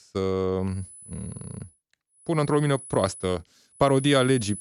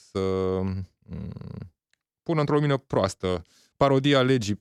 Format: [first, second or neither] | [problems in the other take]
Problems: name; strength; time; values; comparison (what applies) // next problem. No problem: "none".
second | high-pitched whine; noticeable; at 0.5 s, at 2.5 s and at 4 s; 10 kHz, 15 dB below the speech